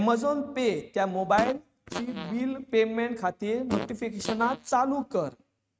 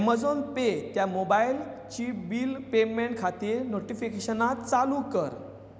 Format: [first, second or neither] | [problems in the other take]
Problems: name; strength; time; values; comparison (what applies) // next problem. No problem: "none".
second | noise reduction (neural mask model RNNoise)